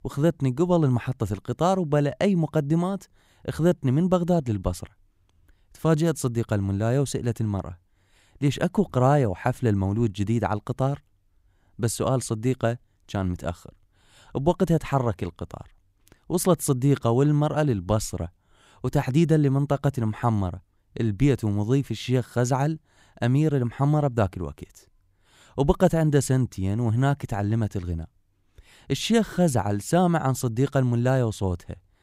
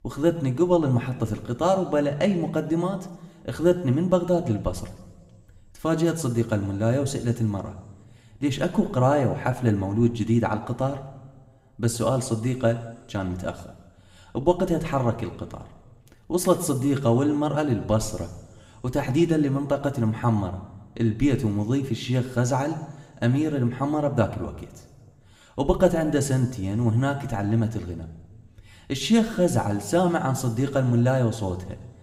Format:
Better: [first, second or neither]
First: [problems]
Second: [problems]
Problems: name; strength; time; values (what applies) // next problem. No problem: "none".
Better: first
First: none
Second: room echo; slight; dies away in 1.1 s